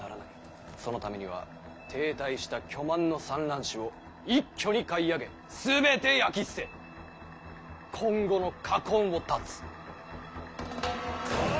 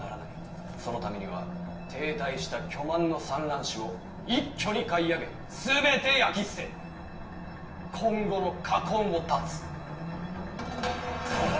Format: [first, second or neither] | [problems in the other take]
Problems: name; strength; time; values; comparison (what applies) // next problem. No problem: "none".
first | background sound (Race car, auto racing); 10 dB below the speech // room echo; dies away in 0.6 s